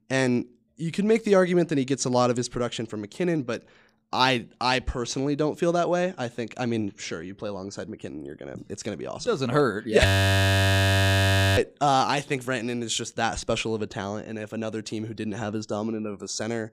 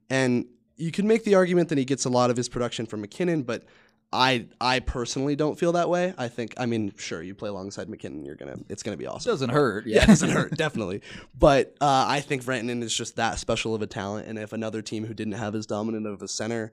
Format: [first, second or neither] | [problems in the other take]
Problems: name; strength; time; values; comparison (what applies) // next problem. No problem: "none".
second | audio freezing; at 10 s for 1.5 s